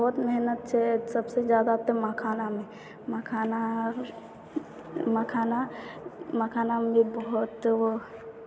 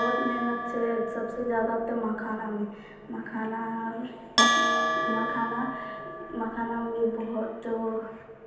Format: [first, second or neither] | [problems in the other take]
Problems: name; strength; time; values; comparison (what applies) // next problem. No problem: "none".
first | background sound (Bell); 1 dB below the speech // room echo; dies away in 0.9 s